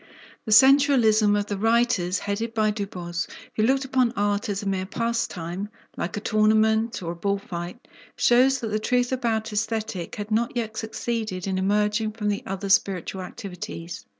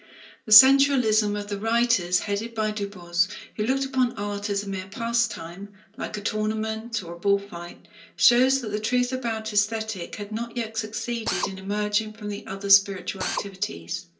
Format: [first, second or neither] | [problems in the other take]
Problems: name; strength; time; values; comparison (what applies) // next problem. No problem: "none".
first | background sound (Drill); 7 dB below the speech // room echo; dies away in 0.3 s